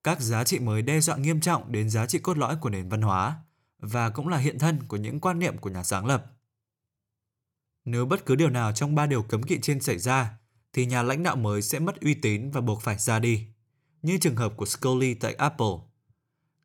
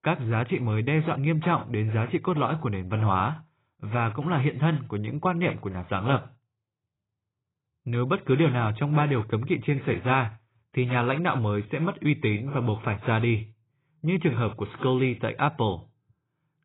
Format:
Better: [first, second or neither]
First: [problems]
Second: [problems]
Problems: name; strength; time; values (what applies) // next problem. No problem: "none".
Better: first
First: none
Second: garbled, watery; badly; nothing above 4 kHz